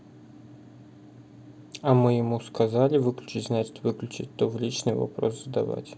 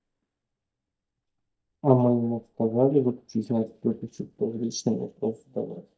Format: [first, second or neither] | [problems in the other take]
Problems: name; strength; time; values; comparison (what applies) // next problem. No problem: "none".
first | noise reduction (neural mask model DeepFilterNet 3)